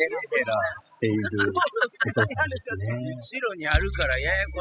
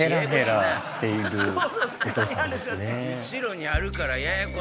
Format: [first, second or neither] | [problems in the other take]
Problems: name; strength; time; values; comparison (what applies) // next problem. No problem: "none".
second | noise reduction (classical method spectral subtraction)